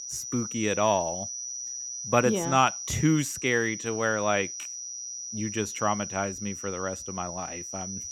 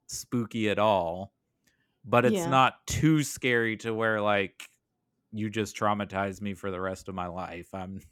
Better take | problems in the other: second | high-pitched whine; loud; throughout; 6 kHz, 7 dB below the speech

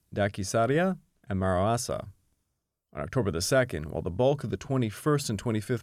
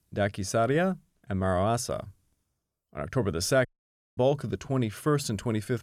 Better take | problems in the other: first | audio cutting out; at 3.5 s for 0.5 s

